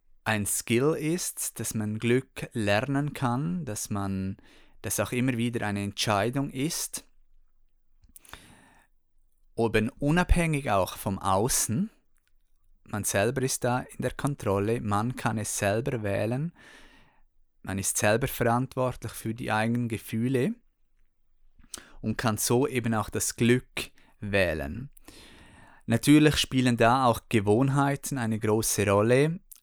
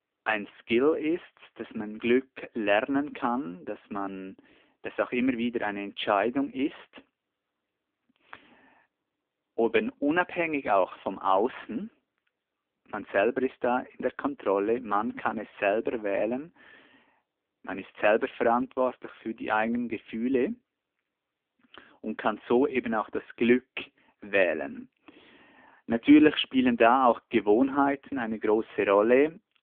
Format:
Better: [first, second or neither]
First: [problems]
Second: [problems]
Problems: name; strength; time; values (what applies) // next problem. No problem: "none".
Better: first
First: none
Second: phone-call audio; poor line; nothing above 3.5 kHz